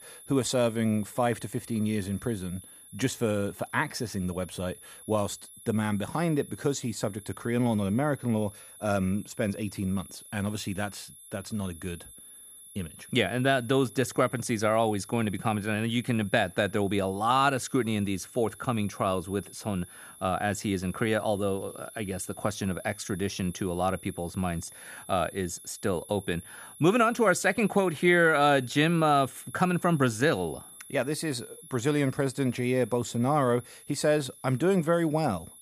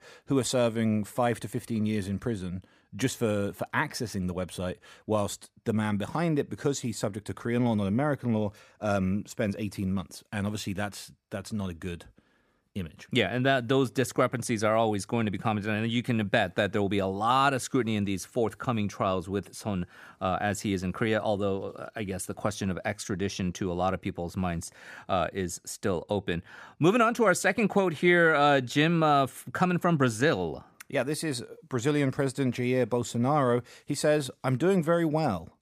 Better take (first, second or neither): second